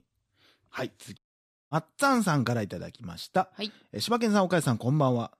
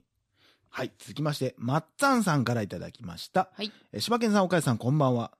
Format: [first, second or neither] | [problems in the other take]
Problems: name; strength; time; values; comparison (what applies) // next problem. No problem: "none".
second | audio cutting out; at 1 s for 0.5 s